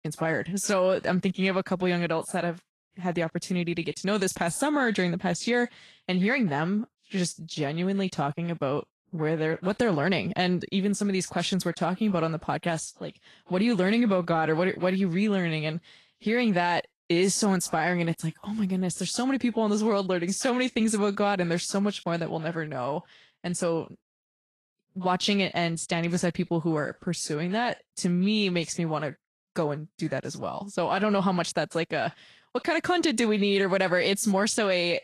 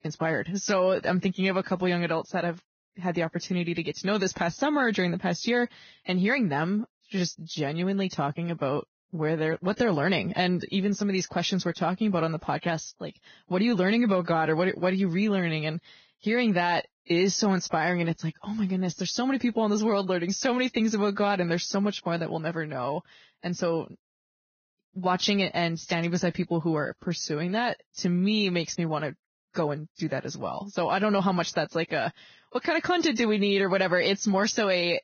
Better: first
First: garbled, watery; slightly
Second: garbled, watery; badly; nothing above 6.5 kHz

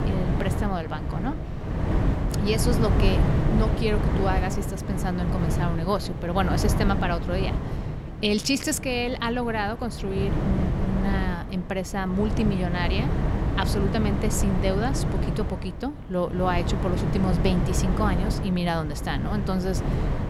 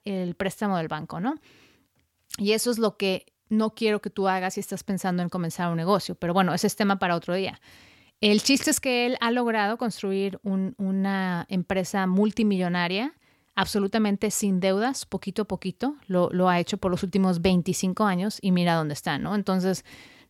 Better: second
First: wind noise on the microphone; heavy; 5 dB below the speech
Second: none

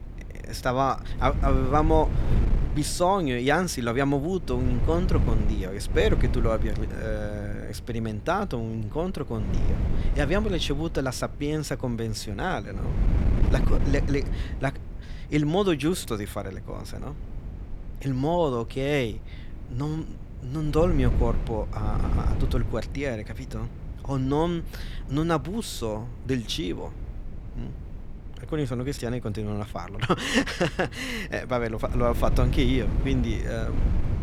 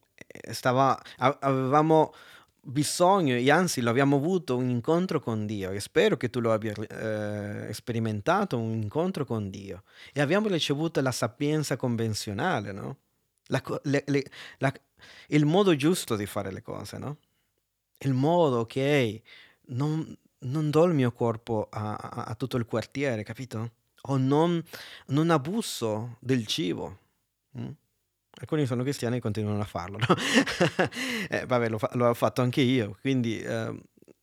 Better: second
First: wind noise on the microphone; occasional gusts; 15 dB below the speech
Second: none

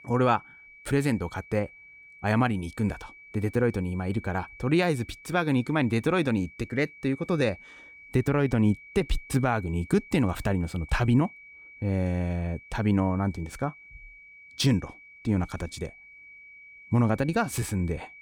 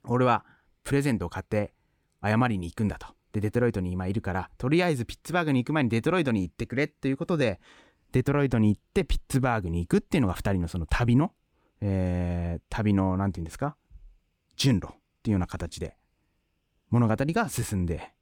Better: second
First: high-pitched whine; noticeable; throughout; 2.5 kHz, 20 dB below the speech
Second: none

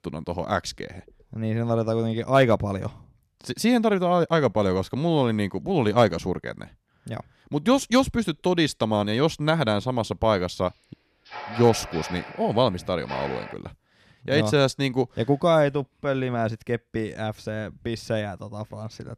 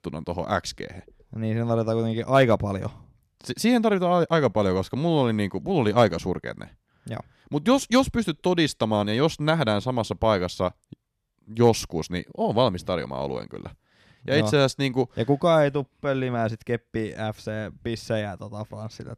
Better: second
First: door banging; faint; from 11 to 14 s; peak 10 dB below the speech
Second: none

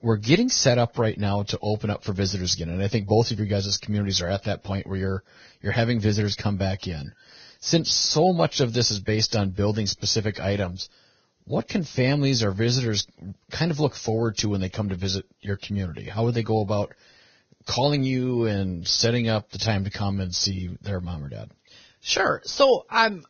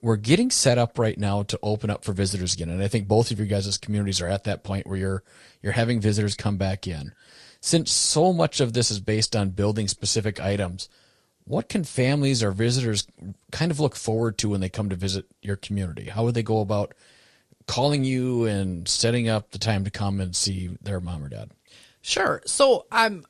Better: second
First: garbled, watery; badly; nothing above 6.5 kHz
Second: garbled, watery; slightly

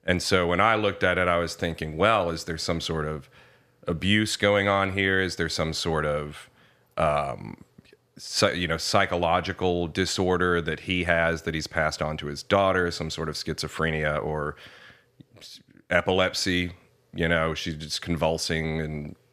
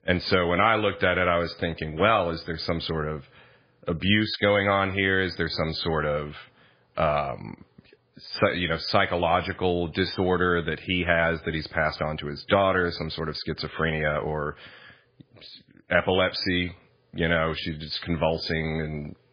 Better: first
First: none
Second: garbled, watery; badly

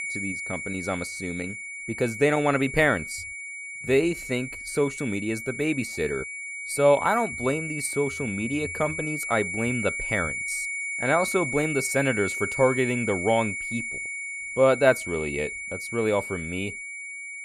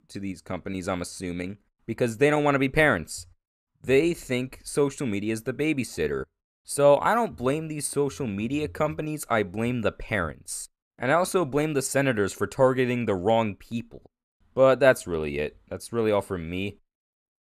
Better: second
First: high-pitched whine; loud; throughout; 2 kHz, 5 dB below the speech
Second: none

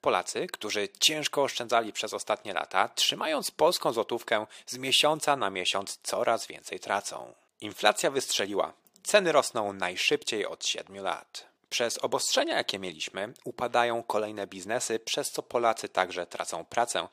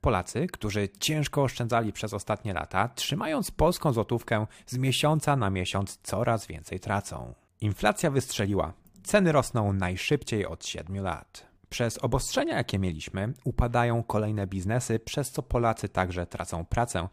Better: second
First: thin; very; fading below 450 Hz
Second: none

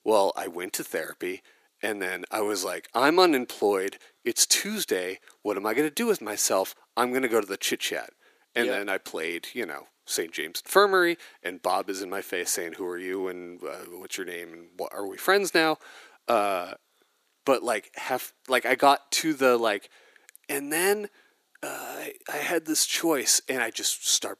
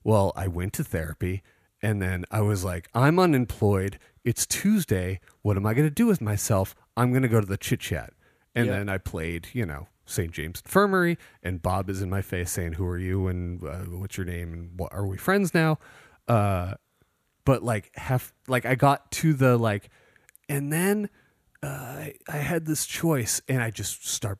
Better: second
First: thin; somewhat; fading below 350 Hz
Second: none

